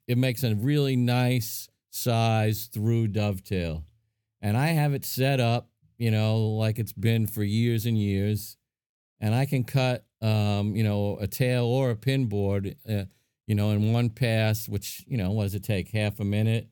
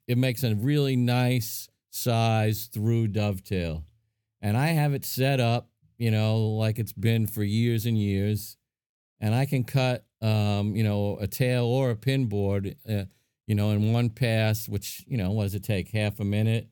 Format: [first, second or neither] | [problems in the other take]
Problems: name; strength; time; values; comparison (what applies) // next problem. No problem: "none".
neither | none